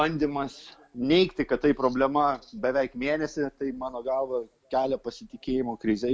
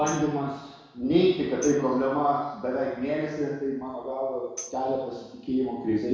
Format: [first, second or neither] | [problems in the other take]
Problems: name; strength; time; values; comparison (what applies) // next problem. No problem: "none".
first | background sound (Tambourine); 18 dB below the speech // room echo; dies away in 1.1 s